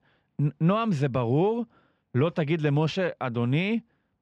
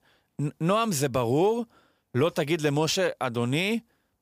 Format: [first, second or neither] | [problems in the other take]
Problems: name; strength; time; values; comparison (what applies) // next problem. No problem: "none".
second | muffled; slightly; fading above 2.5 kHz